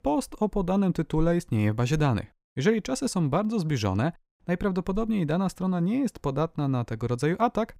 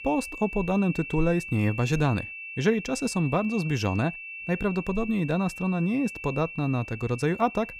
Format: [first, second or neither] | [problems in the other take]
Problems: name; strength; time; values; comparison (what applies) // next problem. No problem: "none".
first | high-pitched whine; noticeable; throughout; 2.5 kHz, 10 dB below the speech